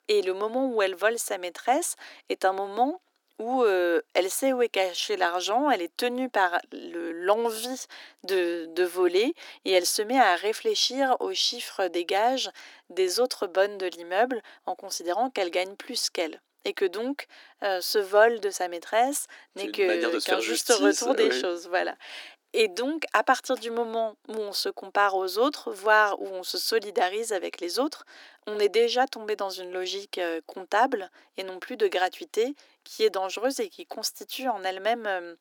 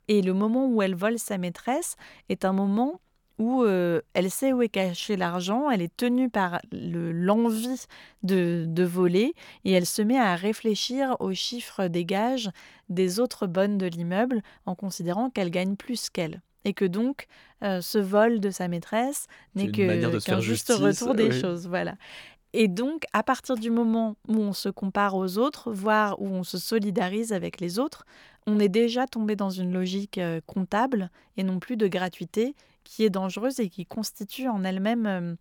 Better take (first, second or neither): second